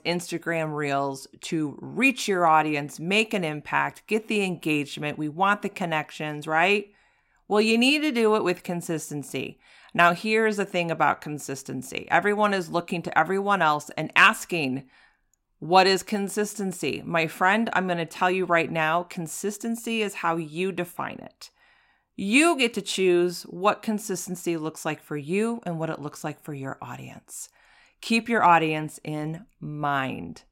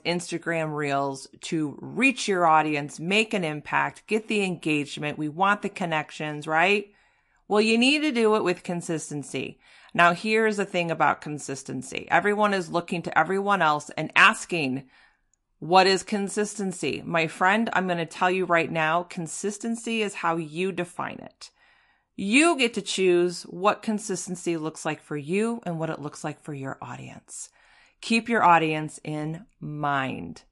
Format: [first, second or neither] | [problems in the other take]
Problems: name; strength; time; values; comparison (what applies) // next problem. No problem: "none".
first | garbled, watery; slightly; nothing above 11 kHz